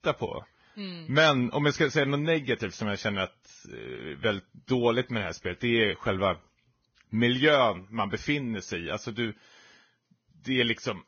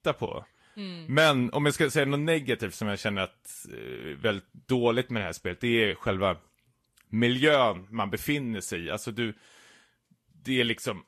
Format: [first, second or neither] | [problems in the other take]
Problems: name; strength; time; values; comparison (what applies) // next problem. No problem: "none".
second | garbled, watery; badly; nothing above 6.5 kHz; slightly in the second